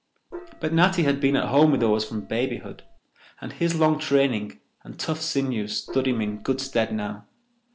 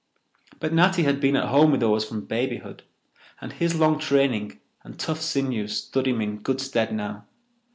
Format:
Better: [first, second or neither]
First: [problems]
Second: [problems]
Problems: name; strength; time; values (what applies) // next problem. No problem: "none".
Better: second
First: background sound (Gong); 17 dB below the speech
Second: none